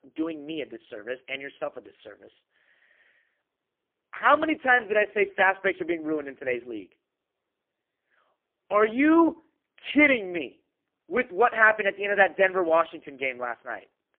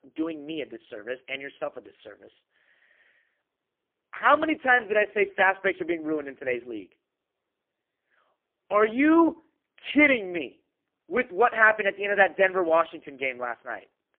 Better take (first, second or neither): neither